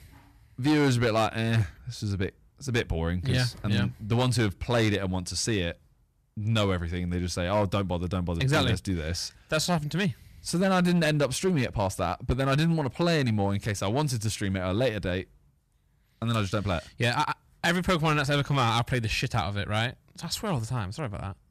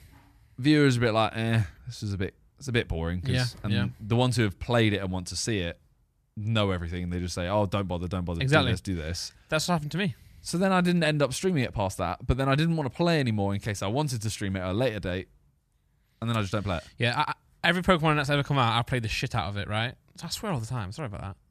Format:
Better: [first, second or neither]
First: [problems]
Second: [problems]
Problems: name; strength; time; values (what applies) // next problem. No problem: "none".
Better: second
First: distortion; slight; 5% of the sound clipped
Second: none